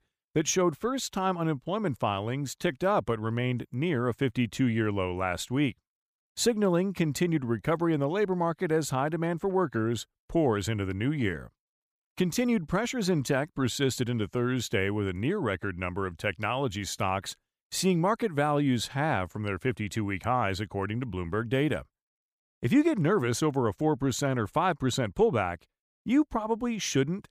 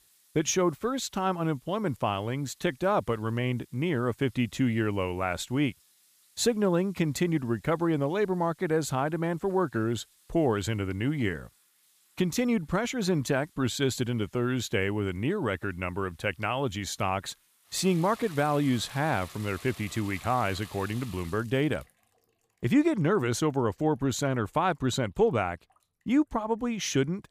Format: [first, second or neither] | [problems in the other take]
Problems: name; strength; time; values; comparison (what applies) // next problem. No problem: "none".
first | household noises; faint; throughout; 25 dB below the speech